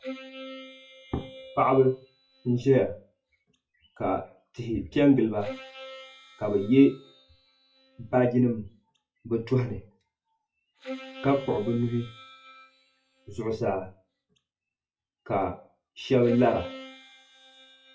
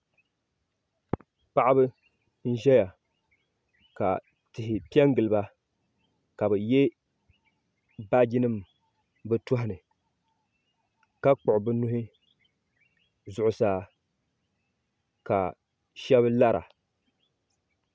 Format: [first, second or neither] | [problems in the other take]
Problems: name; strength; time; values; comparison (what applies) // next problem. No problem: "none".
second | noise reduction (classical method WPE with log-MMSE)